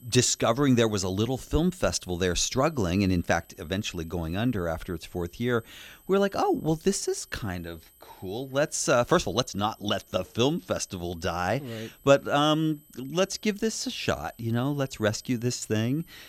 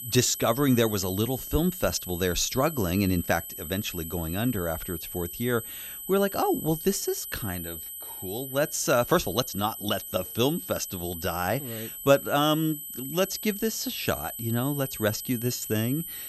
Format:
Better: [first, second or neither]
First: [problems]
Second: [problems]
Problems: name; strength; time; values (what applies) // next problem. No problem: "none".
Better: first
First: high-pitched whine; faint; throughout; 12 kHz, 30 dB below the speech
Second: high-pitched whine; loud; throughout; 12 kHz, 8 dB below the speech